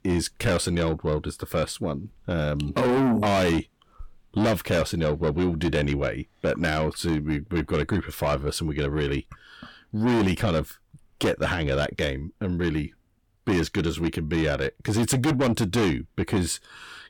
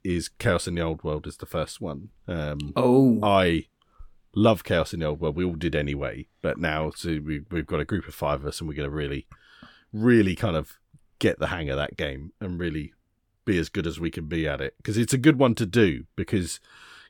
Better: second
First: distortion; heavy; 6 dB below the speech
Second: none

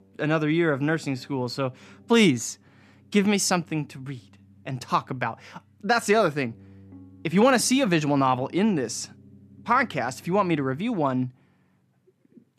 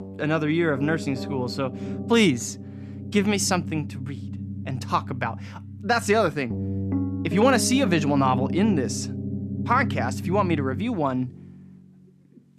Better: first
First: background music; faint; throughout; 30 dB below the speech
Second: background music; loud; throughout; 7 dB below the speech

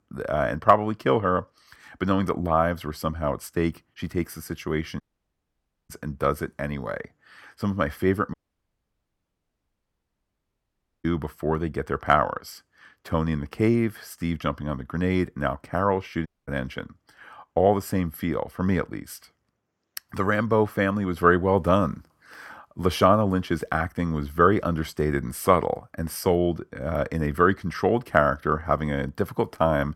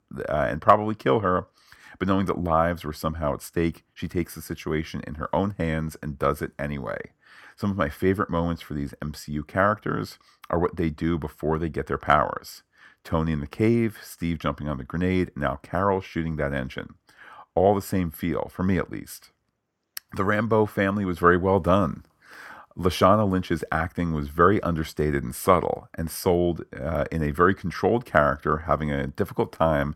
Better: second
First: audio cutting out; at 5 s for 1 s, at 8.5 s for 2.5 s and at 16 s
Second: none

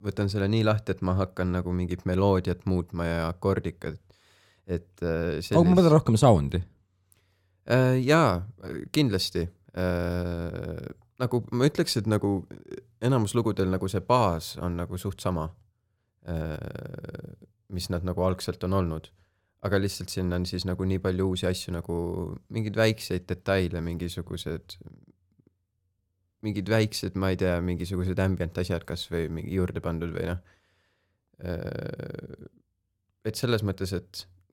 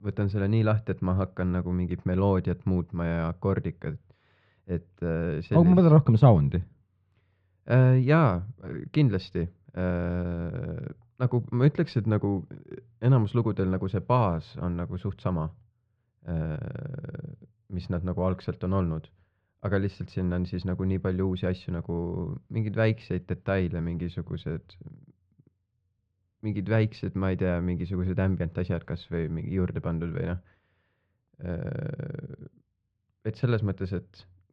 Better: first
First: none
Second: muffled; slightly; fading above 3 kHz

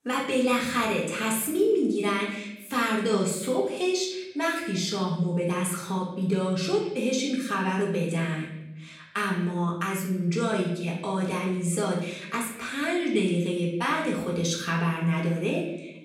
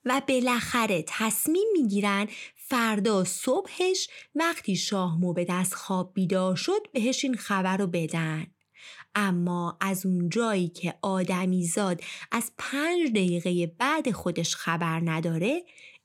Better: second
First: room echo; noticeable; dies away in 0.8 s // off-mic speech; far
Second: none

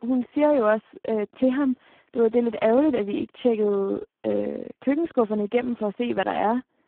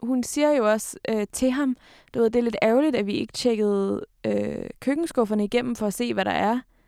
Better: second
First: phone-call audio; poor line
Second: none

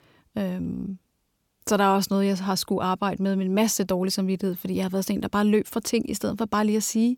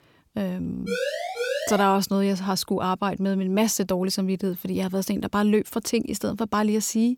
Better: first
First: none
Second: siren; noticeable; at 1 s; peak 3 dB below the speech

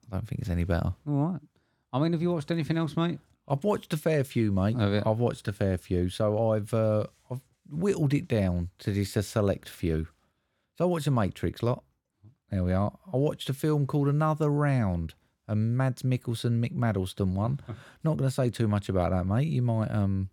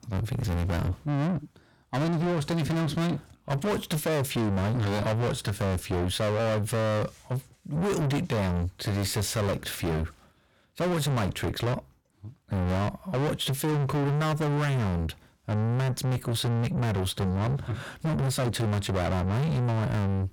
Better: first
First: none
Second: distortion; heavy; 5 dB below the speech

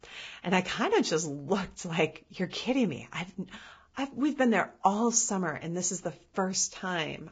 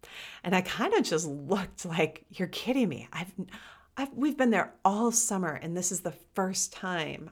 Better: second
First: garbled, watery; badly; nothing above 7.5 kHz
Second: none

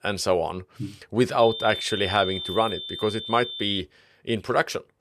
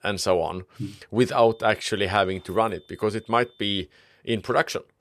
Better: second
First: high-pitched whine; loud; from 1.5 to 4 s; 3.5 kHz, 7 dB below the speech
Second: high-pitched whine; faint; from 1.5 to 4 s; 3.5 kHz, 30 dB below the speech

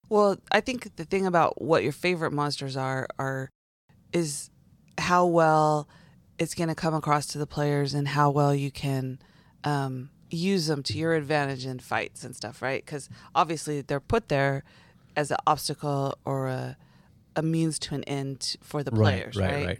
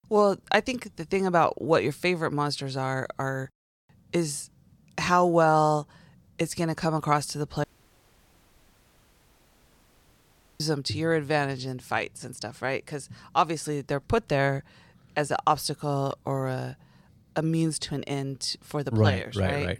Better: first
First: none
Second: audio cutting out; at 7.5 s for 3 s

